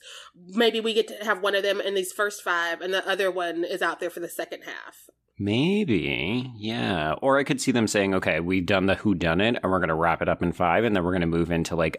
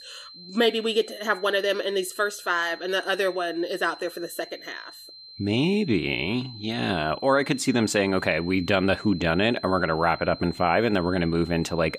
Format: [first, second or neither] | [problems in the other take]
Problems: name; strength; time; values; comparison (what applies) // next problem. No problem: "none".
first | high-pitched whine; noticeable; throughout; 4 kHz, 15 dB below the speech